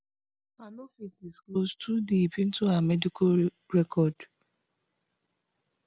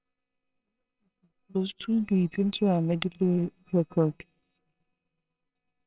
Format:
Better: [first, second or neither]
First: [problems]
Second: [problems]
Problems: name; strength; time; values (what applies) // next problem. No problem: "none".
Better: first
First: none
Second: noise reduction (neural separator model SepFormer WHAMR!)